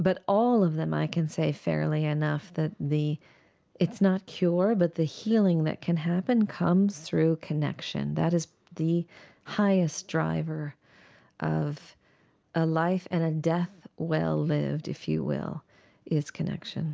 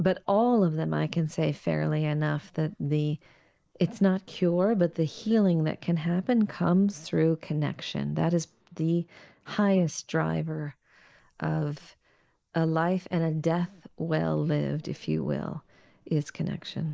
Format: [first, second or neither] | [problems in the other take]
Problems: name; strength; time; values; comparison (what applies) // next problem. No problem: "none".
first | noise reduction (neural mask model Resemble Enhance denoiser)